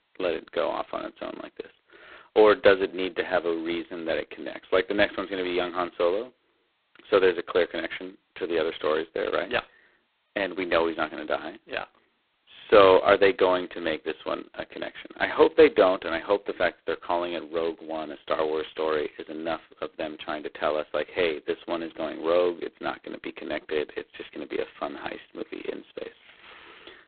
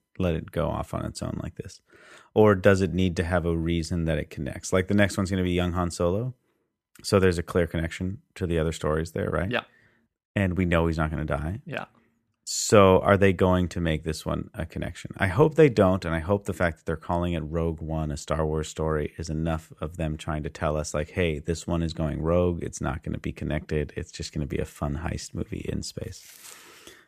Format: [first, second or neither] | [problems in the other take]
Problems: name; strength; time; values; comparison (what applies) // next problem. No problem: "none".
second | phone-call audio; poor line; nothing above 4 kHz